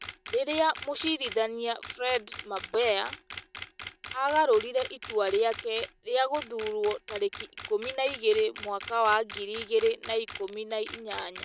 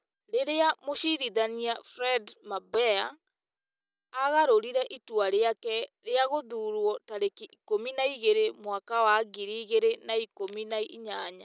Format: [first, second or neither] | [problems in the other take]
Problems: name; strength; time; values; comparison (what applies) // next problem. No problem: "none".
second | background sound (Camera); 14 dB below the speech